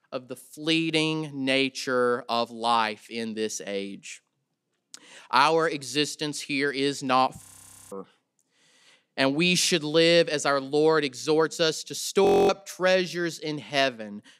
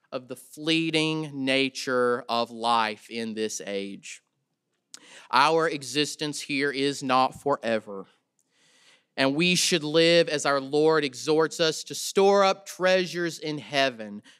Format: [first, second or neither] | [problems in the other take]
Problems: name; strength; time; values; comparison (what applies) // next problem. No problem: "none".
second | audio freezing; at 7.5 s and at 12 s